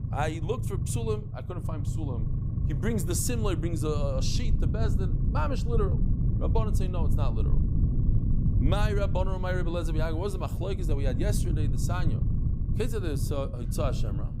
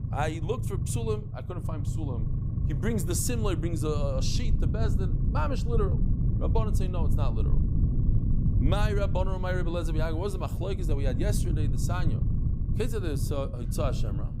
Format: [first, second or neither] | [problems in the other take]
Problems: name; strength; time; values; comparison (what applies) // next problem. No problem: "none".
neither | low rumble; loud; throughout; 7 dB below the speech; the same in both